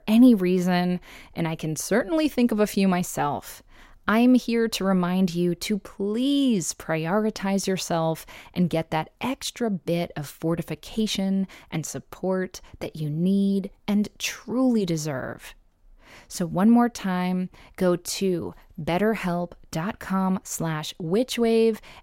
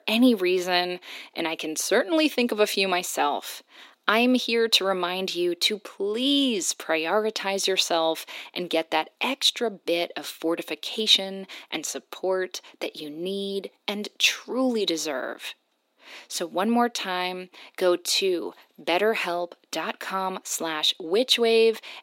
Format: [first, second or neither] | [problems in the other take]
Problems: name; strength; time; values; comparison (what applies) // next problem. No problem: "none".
first | thin; somewhat; fading below 300 Hz